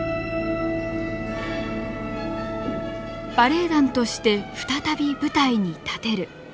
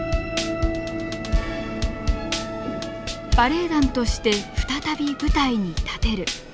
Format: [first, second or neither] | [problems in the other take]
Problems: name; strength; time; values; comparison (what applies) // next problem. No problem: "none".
first | background sound (Drum kit); 2 dB below the speech